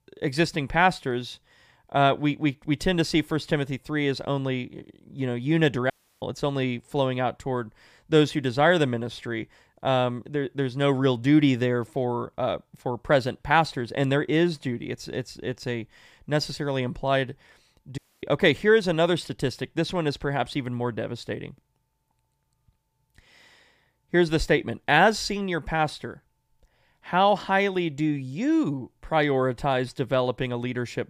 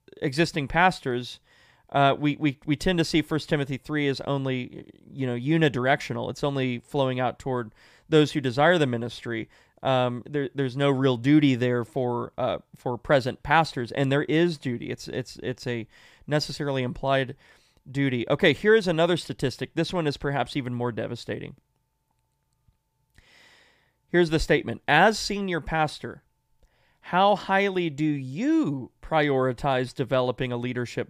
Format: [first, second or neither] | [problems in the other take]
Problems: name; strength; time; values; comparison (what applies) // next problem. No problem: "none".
second | audio cutting out; at 6 s and at 18 s